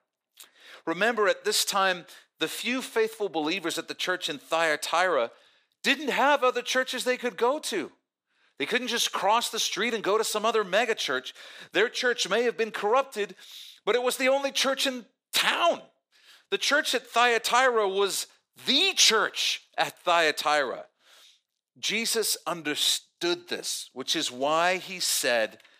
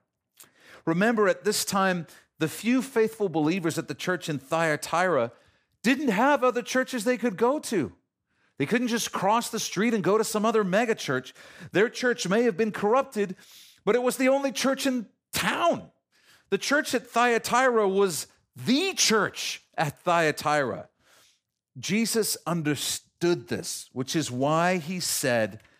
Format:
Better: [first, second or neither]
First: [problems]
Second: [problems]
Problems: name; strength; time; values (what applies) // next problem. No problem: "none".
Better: second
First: thin; somewhat; fading below 400 Hz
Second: none